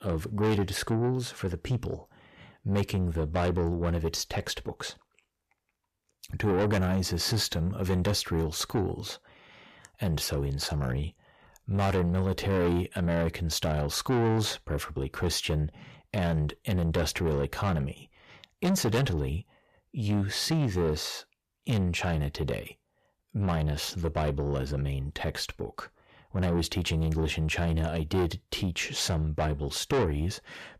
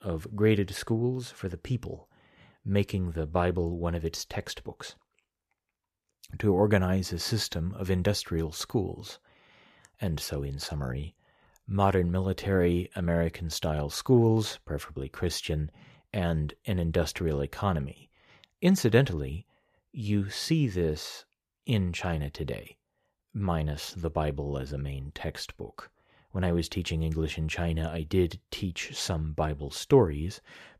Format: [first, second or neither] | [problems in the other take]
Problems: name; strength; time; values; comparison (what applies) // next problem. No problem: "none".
second | distortion; heavy; 7 dB below the speech